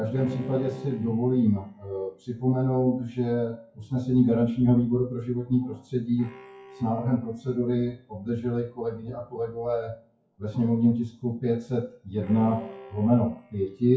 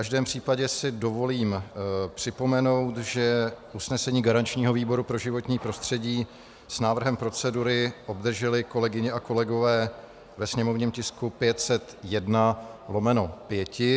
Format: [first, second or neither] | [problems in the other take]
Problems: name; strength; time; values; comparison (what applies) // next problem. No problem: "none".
second | noise reduction (classical method WPE with log-MMSE)